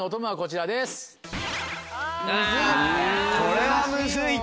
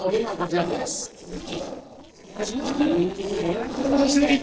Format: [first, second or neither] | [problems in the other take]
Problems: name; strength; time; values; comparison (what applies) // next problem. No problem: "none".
first | noise reduction (neural separator model SepFormer DNS4)